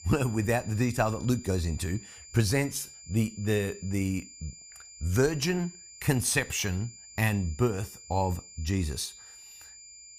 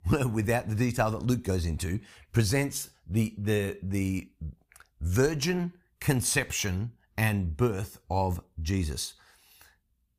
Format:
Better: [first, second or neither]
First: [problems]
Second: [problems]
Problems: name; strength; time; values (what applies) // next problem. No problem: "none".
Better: second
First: high-pitched whine; noticeable; throughout; 7 kHz, 15 dB below the speech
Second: none